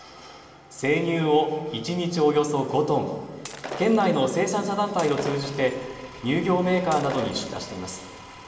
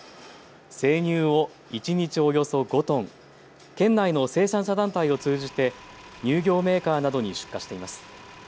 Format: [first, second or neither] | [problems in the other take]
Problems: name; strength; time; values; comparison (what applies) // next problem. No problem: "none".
second | background sound (Shatter); 15 dB below the speech // room echo; dies away in 2.4 s